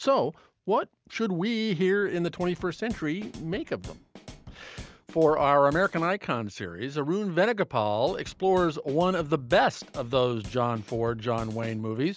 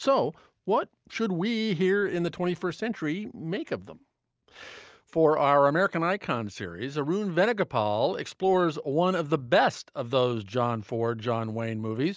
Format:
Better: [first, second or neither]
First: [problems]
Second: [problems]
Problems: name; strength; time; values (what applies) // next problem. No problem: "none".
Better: second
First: background sound (Drum kit); 19 dB below the speech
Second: none